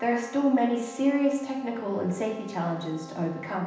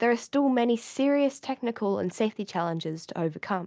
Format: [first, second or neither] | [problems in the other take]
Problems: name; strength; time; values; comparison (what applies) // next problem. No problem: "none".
second | background sound (Trumpet); 18 dB below the speech // room echo; dies away in 0.9 s